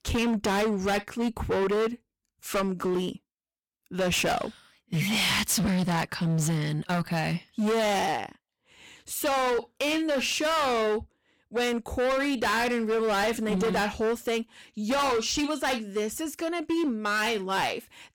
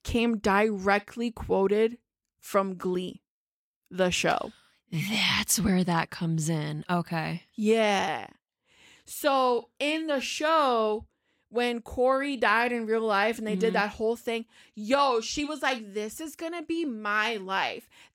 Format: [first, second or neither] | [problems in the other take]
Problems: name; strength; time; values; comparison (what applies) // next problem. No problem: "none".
second | distortion; heavy; 22% of the sound clipped